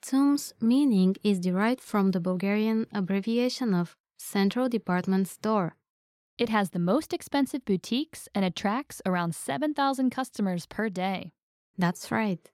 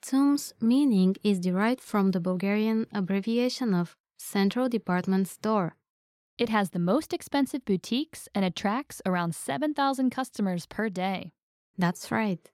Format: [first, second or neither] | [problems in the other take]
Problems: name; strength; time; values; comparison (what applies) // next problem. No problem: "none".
neither | none